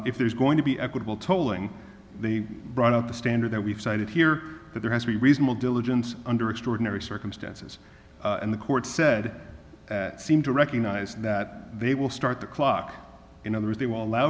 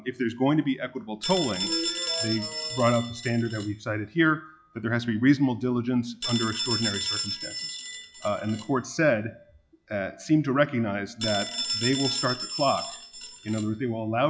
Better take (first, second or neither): first